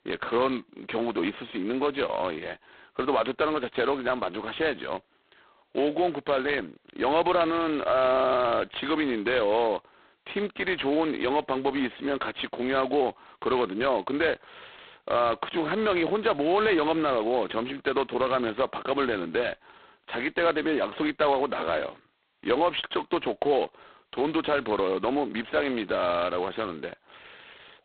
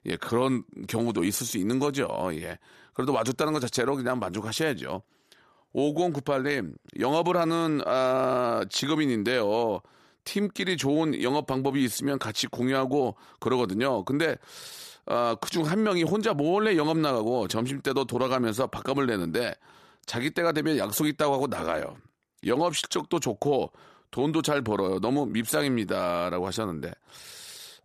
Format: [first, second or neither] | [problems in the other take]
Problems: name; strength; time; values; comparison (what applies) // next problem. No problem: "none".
second | phone-call audio; poor line; nothing above 4 kHz